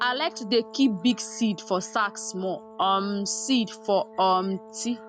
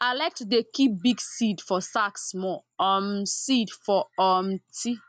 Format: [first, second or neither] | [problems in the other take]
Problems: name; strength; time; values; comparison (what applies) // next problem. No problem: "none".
second | background sound (Brass instrument); 19 dB below the speech